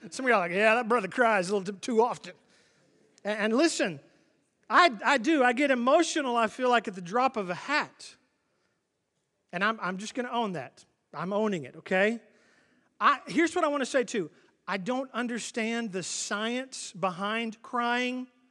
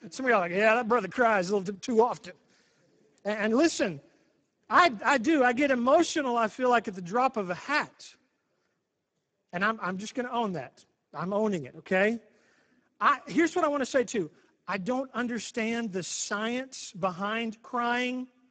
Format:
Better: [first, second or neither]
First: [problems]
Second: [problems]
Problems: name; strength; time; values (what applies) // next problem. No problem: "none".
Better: first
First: none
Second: garbled, watery; badly; nothing above 7.5 kHz